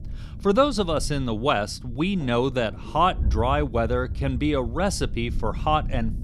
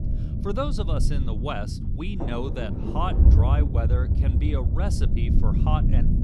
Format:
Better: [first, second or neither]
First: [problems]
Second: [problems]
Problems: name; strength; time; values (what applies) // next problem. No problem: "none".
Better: first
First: low rumble; faint; throughout; 25 dB below the speech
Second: low rumble; loud; throughout; 4 dB below the speech